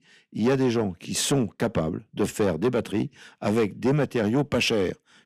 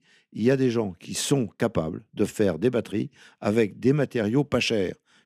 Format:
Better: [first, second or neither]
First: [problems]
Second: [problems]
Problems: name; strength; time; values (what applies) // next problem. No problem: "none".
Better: second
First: distortion; slight; 10 dB below the speech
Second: none